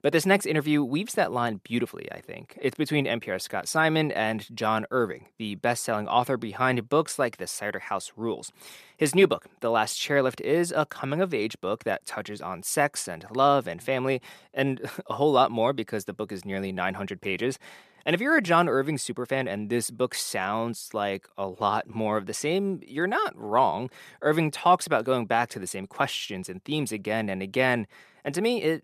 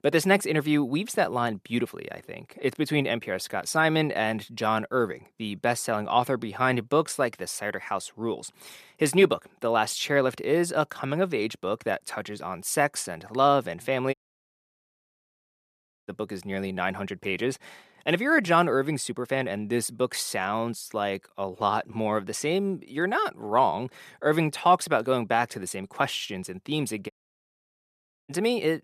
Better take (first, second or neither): first